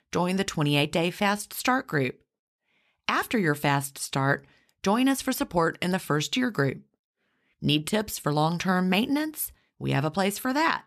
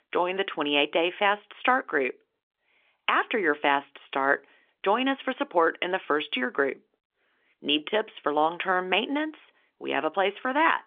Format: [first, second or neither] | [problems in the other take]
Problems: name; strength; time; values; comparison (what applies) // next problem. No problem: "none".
first | phone-call audio; nothing above 3.5 kHz